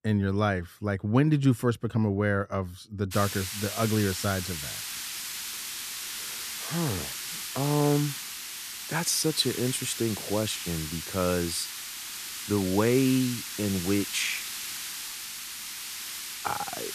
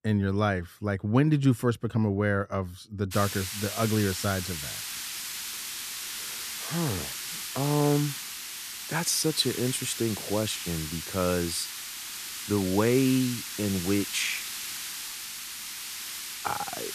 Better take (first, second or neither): neither